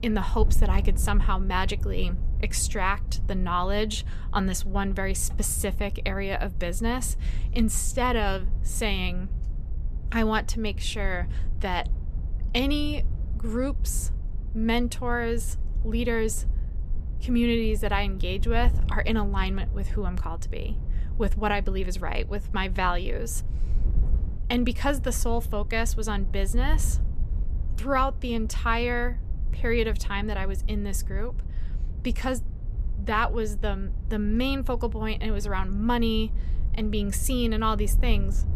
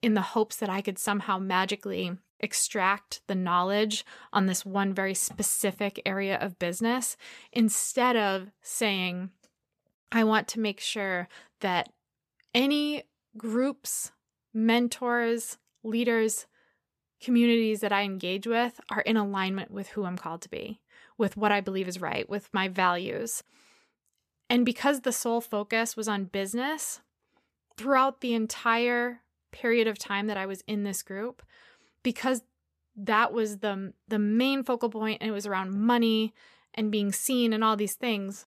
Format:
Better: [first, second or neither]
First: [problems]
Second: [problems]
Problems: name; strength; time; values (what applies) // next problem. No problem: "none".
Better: second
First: wind noise on the microphone; occasional gusts; 20 dB below the speech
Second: none